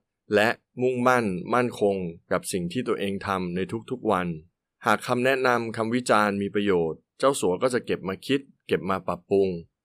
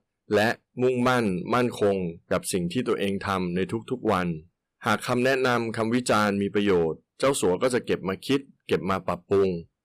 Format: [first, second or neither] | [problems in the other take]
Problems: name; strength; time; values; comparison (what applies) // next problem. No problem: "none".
first | distortion; slight; 5% of the sound clipped